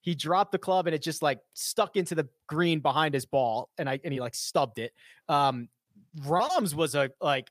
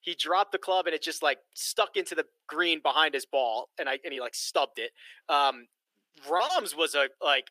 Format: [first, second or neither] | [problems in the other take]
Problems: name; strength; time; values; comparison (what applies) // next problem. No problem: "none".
first | thin; very; fading below 350 Hz